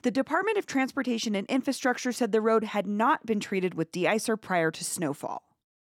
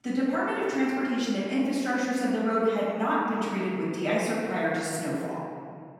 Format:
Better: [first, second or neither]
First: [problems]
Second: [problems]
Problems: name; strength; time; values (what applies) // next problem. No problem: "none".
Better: first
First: none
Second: off-mic speech; far // room echo; strong; dies away in 2.2 s